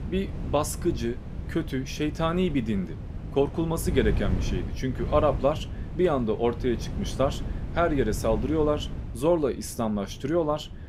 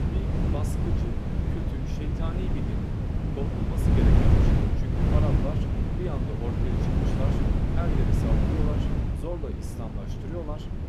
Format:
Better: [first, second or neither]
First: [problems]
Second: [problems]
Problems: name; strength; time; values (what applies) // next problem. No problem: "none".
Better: first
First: wind noise on the microphone; occasional gusts; 15 dB below the speech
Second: wind noise on the microphone; heavy; 5 dB above the speech